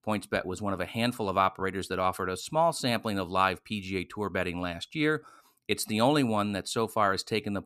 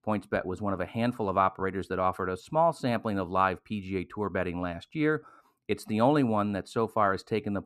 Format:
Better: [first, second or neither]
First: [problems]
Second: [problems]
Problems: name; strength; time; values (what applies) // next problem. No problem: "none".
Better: first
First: none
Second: muffled; slightly; fading above 2.5 kHz